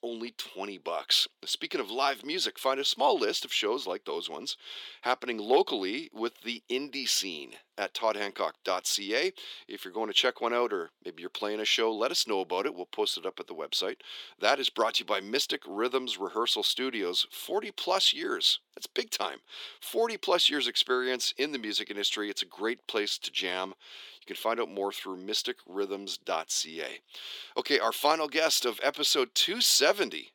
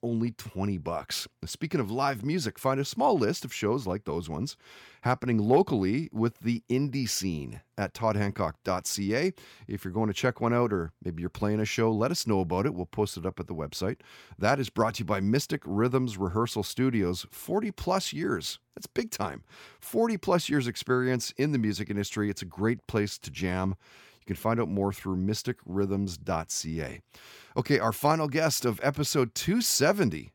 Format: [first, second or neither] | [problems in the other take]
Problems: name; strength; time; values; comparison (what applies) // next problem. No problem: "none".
second | thin; somewhat; fading below 350 Hz